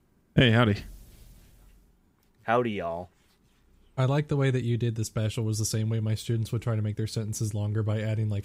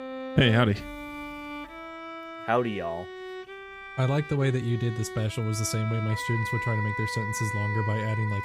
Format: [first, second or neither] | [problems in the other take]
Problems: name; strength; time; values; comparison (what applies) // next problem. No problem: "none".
first | background music; loud; throughout; 8 dB below the speech